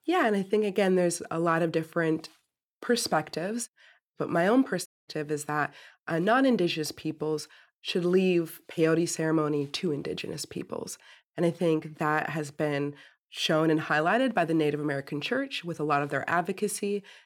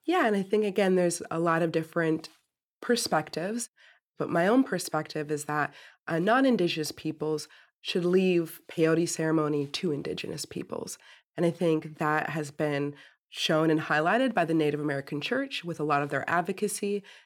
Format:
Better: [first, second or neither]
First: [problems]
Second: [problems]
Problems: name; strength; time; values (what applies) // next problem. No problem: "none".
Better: second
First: audio cutting out; at 5 s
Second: none